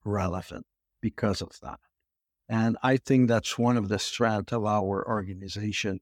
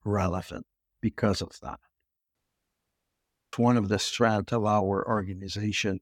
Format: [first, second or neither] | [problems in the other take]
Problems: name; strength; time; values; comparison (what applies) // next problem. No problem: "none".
first | audio cutting out; at 2.5 s for 1 s